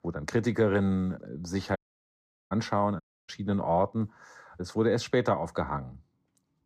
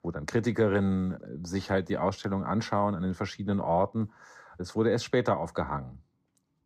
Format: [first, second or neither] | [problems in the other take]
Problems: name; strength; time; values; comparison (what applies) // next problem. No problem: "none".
second | audio cutting out; at 2 s for 0.5 s and at 3 s